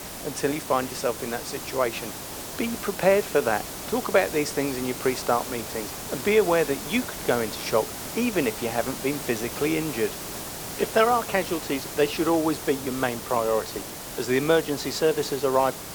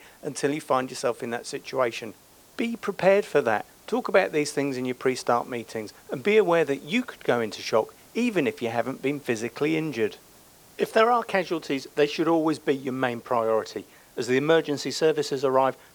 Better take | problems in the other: second | hiss; loud; throughout; 8 dB below the speech; faint in the second

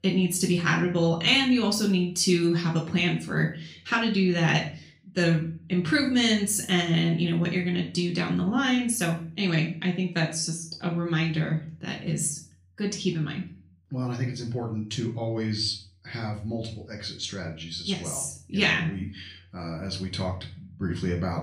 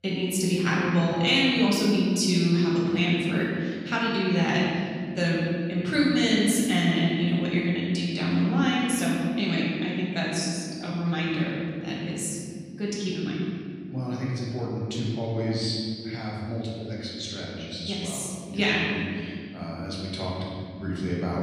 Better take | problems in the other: first | room echo; strong; dies away in 2.3 s; slight in the first // off-mic speech; far; far in the first

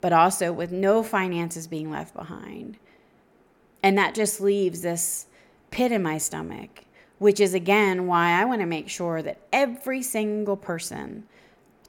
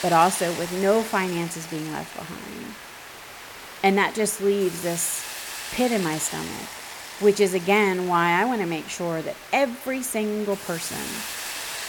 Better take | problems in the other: first | hiss; noticeable; throughout; 10 dB below the speech

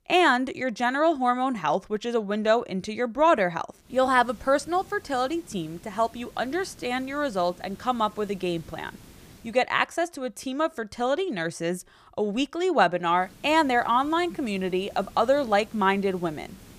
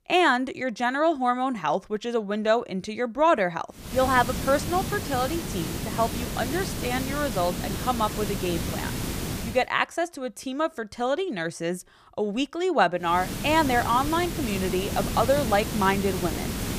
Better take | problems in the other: first | hiss; loud; from 4 to 9.5 s and from 13 s on; 5 dB below the speech; faint in the first

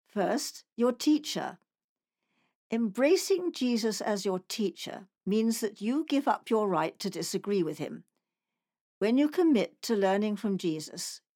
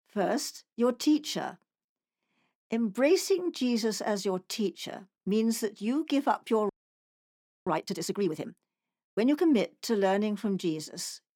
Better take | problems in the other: first | audio freezing; at 6.5 s for 1 s

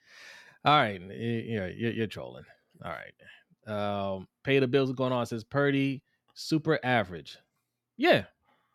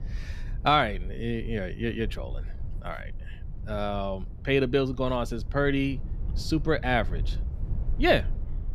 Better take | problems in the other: first | low rumble; faint; throughout; 25 dB below the speech

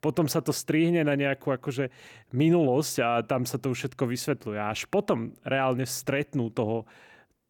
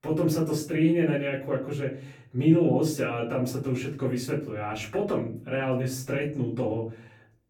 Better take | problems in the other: first | off-mic speech; far // room echo; slight; dies away in 0.4 s

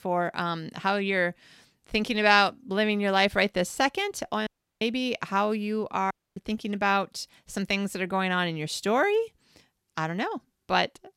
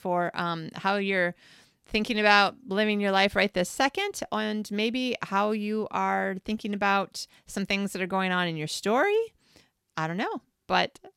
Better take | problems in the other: second | audio cutting out; at 4.5 s and at 6 s

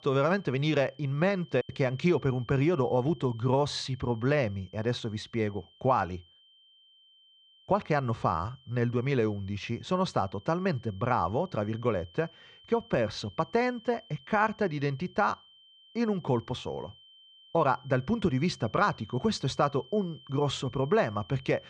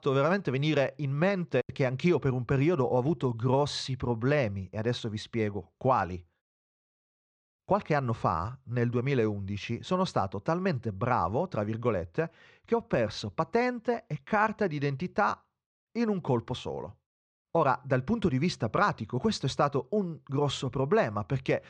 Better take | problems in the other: second | high-pitched whine; faint; throughout; 3 kHz, 25 dB below the speech

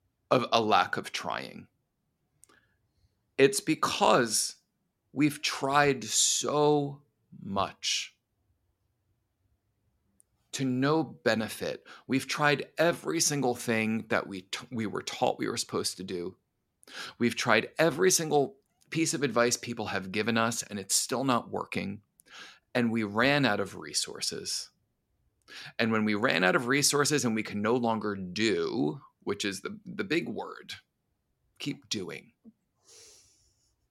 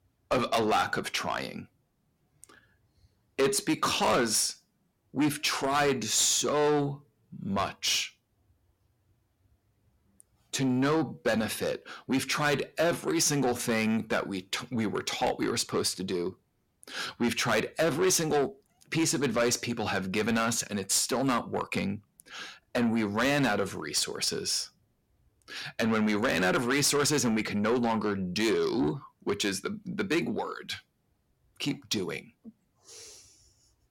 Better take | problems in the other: first | distortion; heavy; 7 dB below the speech

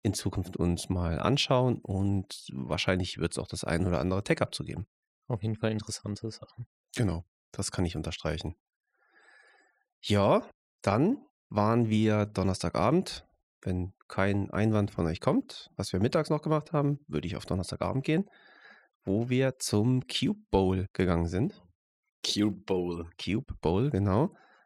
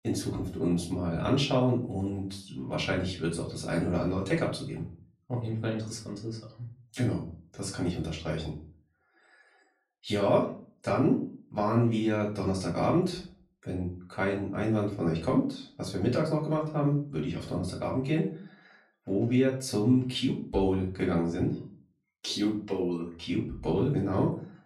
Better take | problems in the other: first | off-mic speech; far // room echo; slight; dies away in 0.3 s

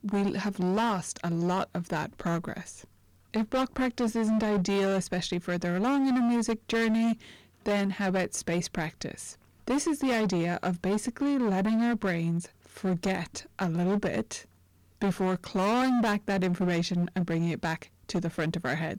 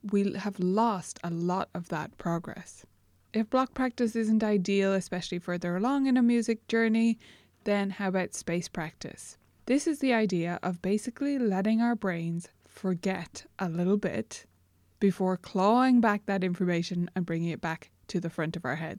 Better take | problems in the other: second | distortion; heavy; 18% of the sound clipped

